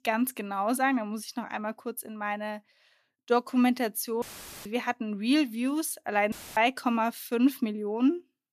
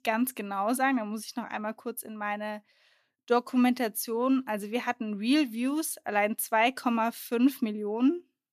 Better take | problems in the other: second | audio cutting out; filled with static; at 4 s and at 6.5 s

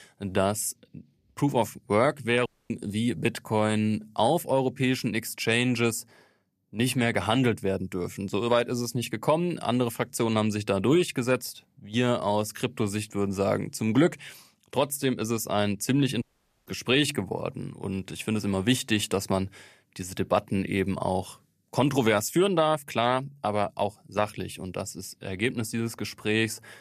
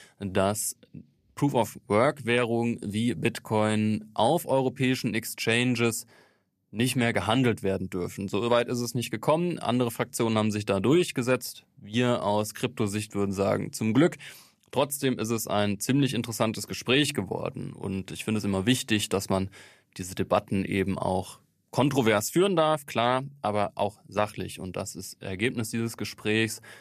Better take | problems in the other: second | audio cutting out; at 2.5 s and at 16 s

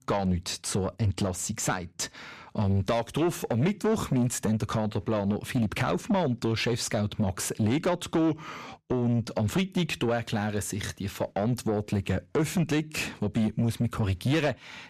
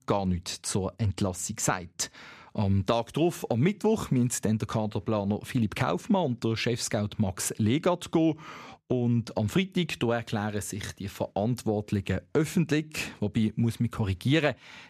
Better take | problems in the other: second | distortion; slight; 10 dB below the speech

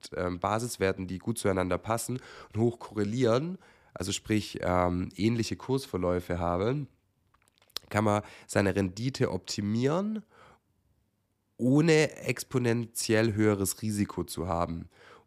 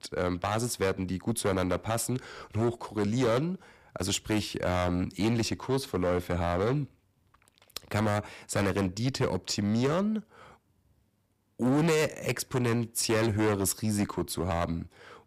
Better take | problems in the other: first | distortion; heavy; 9% of the sound clipped

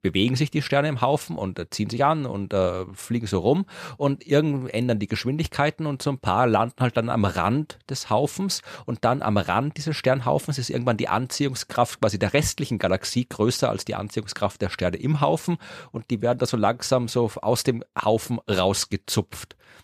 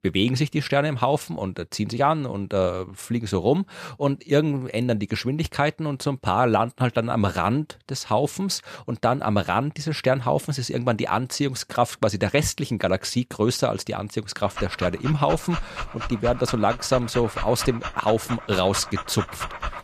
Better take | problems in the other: first | dog barking; noticeable; from 14 s on; peak 7 dB below the speech

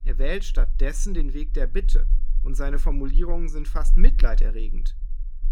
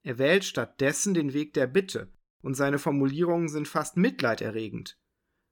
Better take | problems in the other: second | low rumble; faint; throughout; 20 dB below the speech

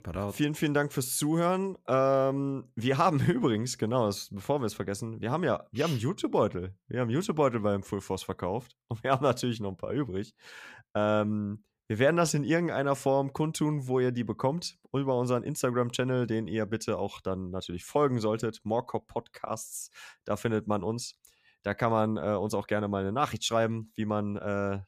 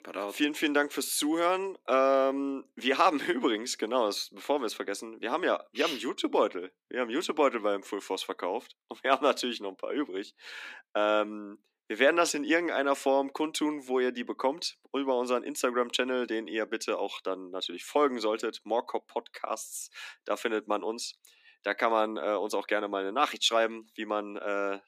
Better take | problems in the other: first | thin; very slightly; fading below 250 Hz

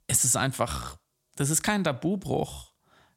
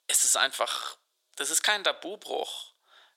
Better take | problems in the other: first | thin; very; fading below 450 Hz

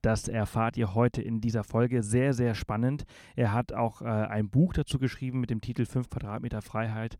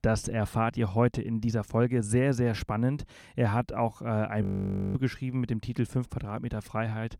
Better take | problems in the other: first | audio freezing; at 4.5 s for 0.5 s

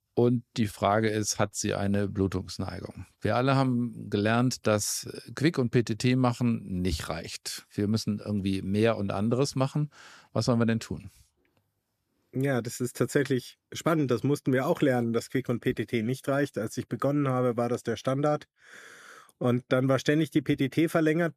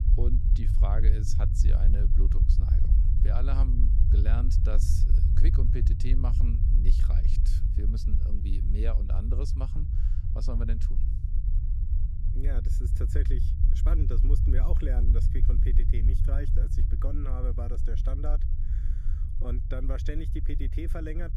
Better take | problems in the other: first | low rumble; loud; throughout; 3 dB below the speech

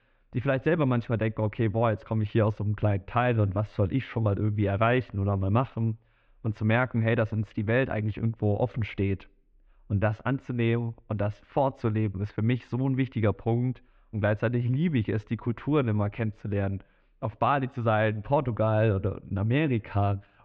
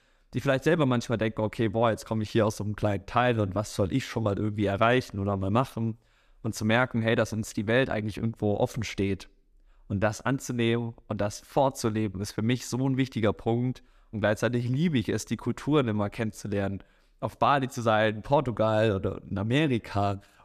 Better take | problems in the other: second | muffled; very; fading above 3 kHz

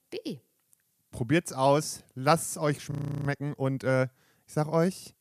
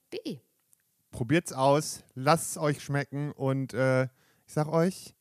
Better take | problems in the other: second | audio freezing; at 3 s

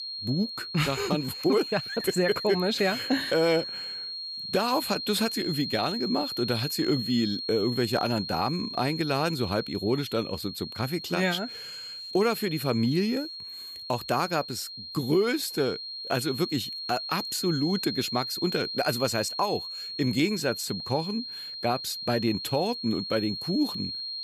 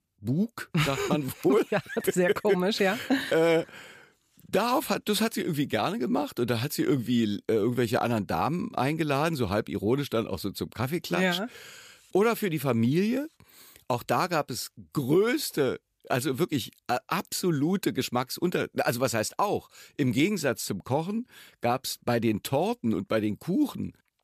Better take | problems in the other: second | high-pitched whine; loud; throughout; 4 kHz, 6 dB below the speech

